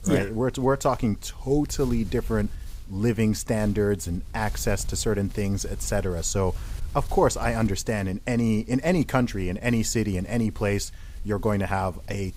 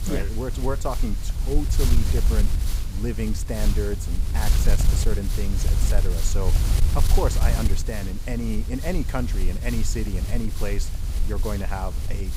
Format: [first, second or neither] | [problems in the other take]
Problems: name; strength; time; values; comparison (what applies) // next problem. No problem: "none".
first | wind noise on the microphone; heavy; 5 dB below the speech; occasional gusts in the first